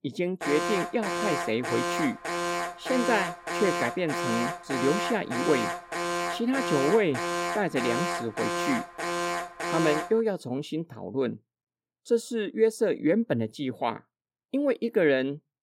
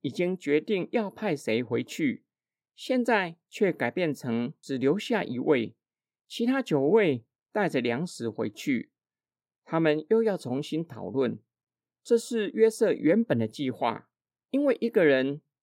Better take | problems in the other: second | alarm; noticeable; until 10 s; peak level with the speech

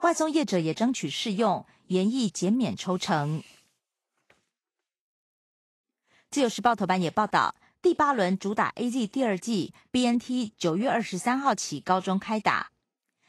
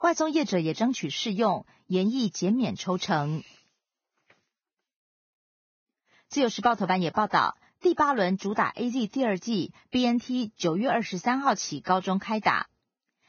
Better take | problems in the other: first | garbled, watery; badly; nothing above 6.5 kHz; slightly in the first

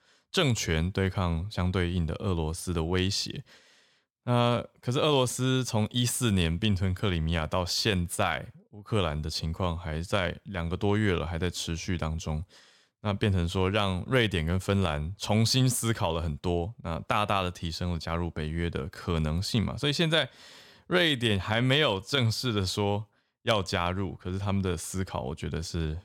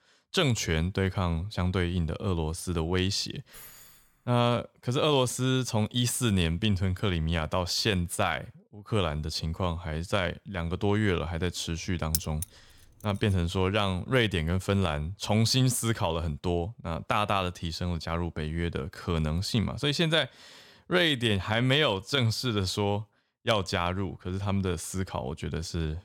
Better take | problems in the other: first | jangling keys; faint; at 3.5 s; peak 20 dB below the speech // jangling keys; noticeable; at 12 s; peak 3 dB below the speech

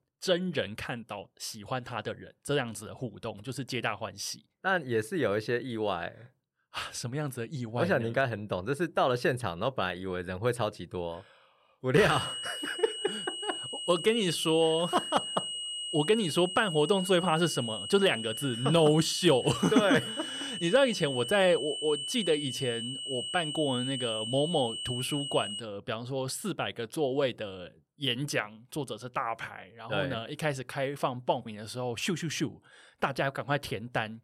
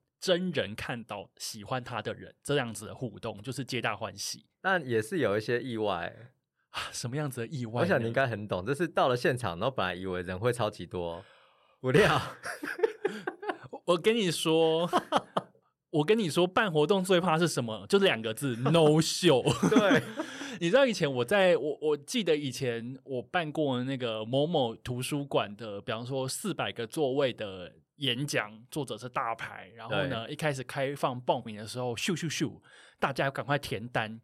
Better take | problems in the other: second | high-pitched whine; loud; from 12 to 26 s; 3 kHz, 5 dB below the speech

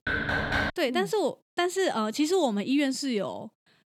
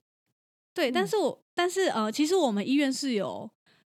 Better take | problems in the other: second | door banging; loud; at the start; peak 1 dB above the speech

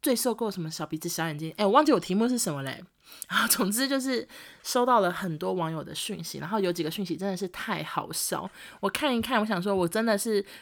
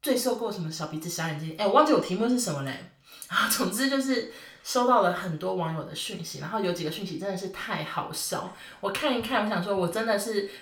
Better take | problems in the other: first | room echo; slight; dies away in 0.4 s // off-mic speech; somewhat distant

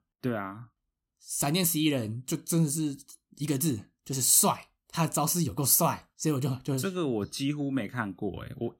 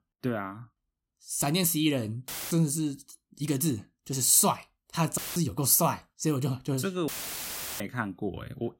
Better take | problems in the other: first | audio cutting out; filled with static; at 2.5 s, at 5 s and at 7 s for 0.5 s

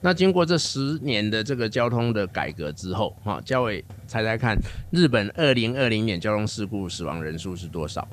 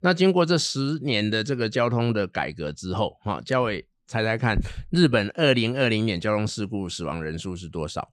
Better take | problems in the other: second | hiss; faint; throughout; 20 dB below the speech

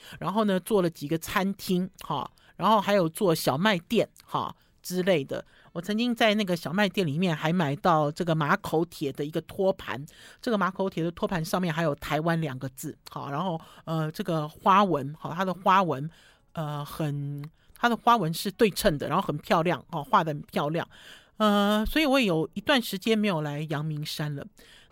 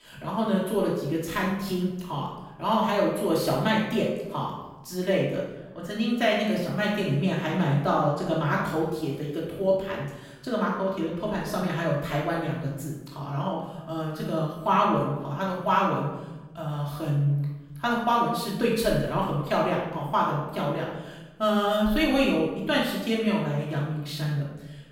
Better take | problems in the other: first | off-mic speech; far // room echo; noticeable; dies away in 0.9 s

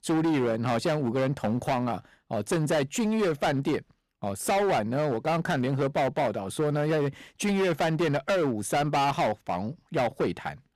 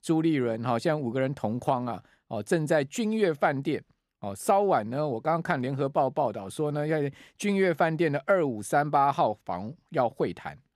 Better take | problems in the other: second | distortion; heavy; 19% of the sound clipped

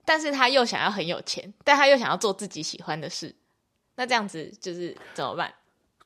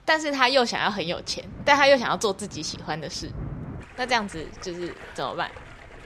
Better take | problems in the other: first | rain or running water; noticeable; throughout; 20 dB below the speech

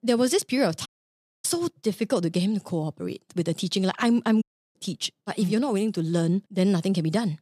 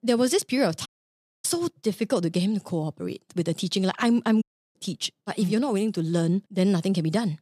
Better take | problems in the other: neither | audio cutting out; at 1 s for 0.5 s and at 4.5 s; the same in both

